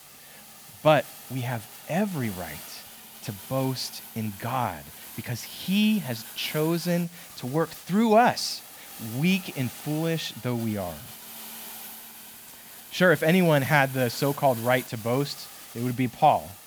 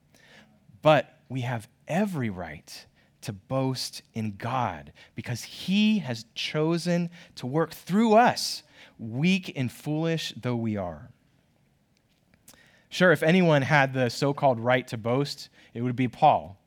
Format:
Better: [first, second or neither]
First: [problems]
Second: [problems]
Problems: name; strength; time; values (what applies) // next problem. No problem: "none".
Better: second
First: hiss; noticeable; throughout; 15 dB below the speech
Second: none